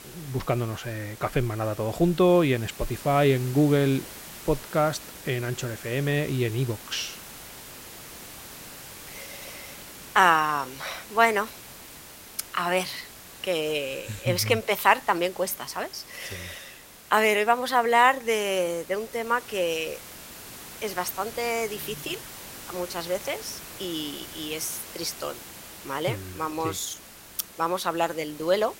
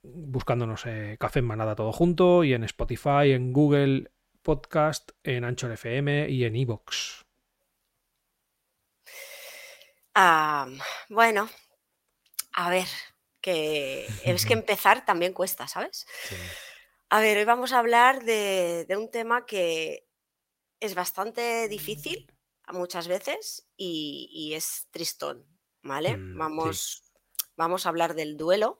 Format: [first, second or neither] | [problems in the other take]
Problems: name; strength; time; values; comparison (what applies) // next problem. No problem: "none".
second | hiss; noticeable; throughout; 15 dB below the speech